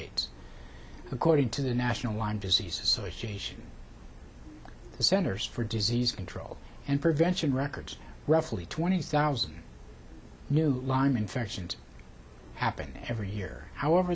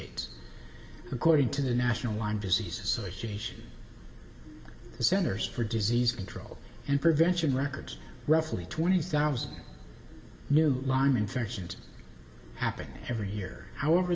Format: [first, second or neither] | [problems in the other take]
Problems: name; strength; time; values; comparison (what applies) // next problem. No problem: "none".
first | room echo; dies away in 1.5 s